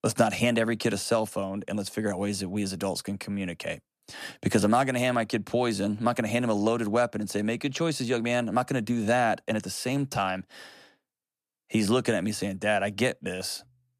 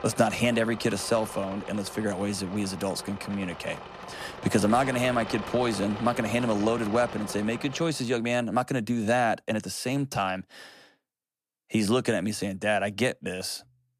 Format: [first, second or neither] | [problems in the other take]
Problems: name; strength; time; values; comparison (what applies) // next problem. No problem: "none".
first | machinery noise; noticeable; until 7.5 s; 10 dB below the speech